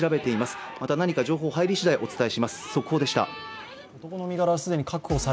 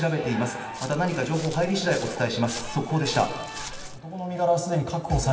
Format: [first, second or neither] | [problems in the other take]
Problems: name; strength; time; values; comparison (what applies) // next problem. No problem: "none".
first | background sound (Walk, footsteps); 13 dB below the speech // room echo; dies away in 2.1 s